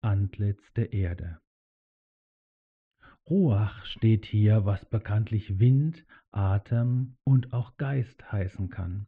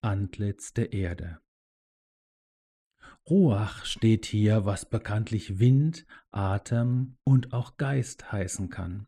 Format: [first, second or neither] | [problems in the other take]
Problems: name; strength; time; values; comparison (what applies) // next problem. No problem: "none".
second | muffled; very; fading above 3 kHz